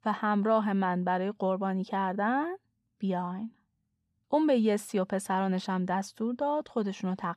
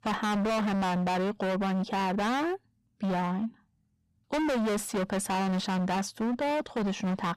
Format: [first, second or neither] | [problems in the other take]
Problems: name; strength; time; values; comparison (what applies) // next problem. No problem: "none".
first | distortion; heavy; 37% of the sound clipped